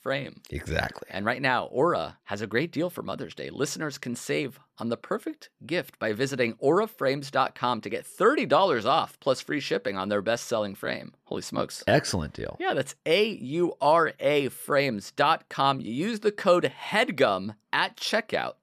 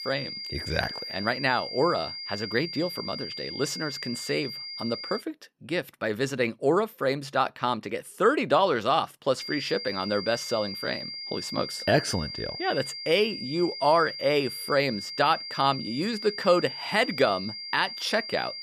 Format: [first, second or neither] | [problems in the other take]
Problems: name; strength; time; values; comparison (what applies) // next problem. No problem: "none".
first | high-pitched whine; loud; until 5 s and from 9.5 s on; 4.5 kHz, 7 dB below the speech